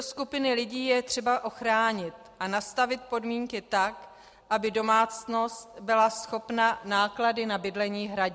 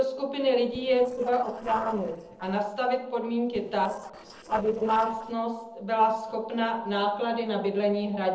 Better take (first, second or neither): first